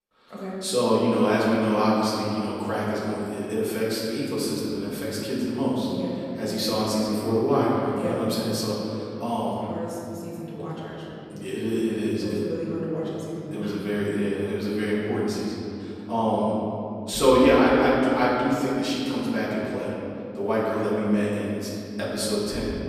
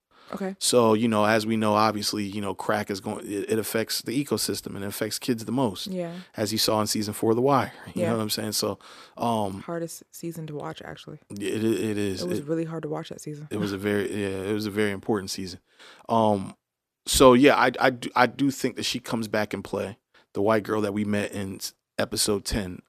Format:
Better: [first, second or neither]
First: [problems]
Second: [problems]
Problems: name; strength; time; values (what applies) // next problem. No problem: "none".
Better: second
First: room echo; strong; dies away in 3 s // off-mic speech; far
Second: none